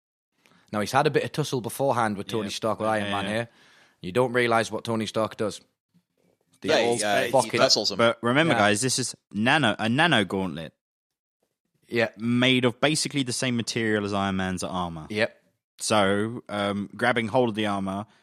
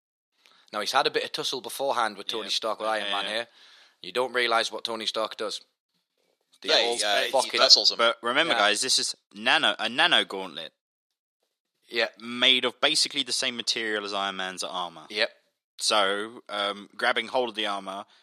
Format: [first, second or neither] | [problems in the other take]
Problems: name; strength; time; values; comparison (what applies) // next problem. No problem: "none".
first | thin; somewhat; fading below 450 Hz